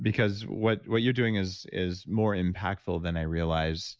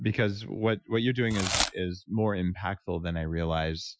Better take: first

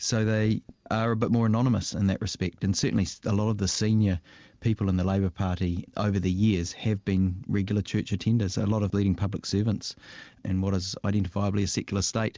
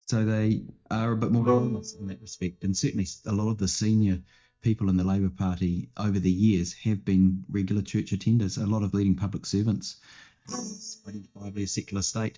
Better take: first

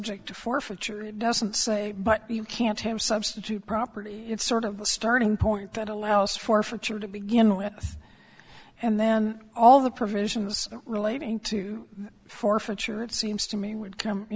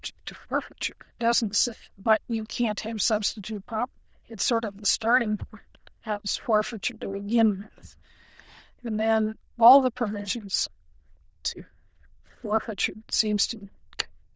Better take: first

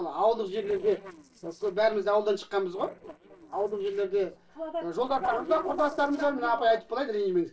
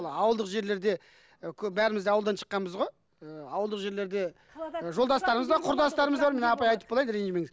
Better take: second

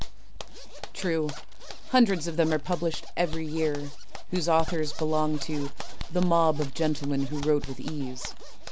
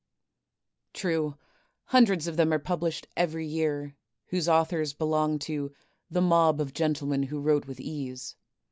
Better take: second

